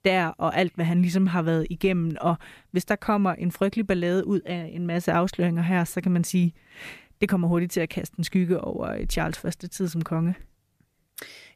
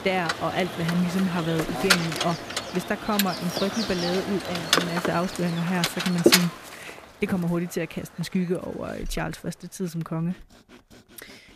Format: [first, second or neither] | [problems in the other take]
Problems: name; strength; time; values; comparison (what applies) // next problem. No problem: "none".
first | machinery noise; very loud; throughout; 2 dB above the speech